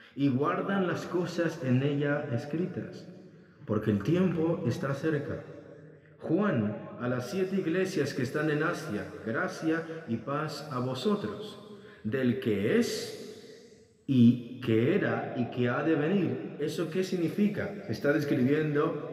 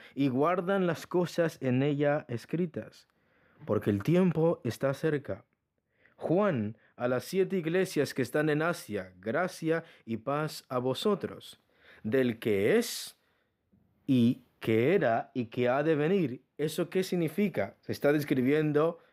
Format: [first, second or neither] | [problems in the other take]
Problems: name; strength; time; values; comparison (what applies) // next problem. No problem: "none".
second | room echo; slight; dies away in 2.2 s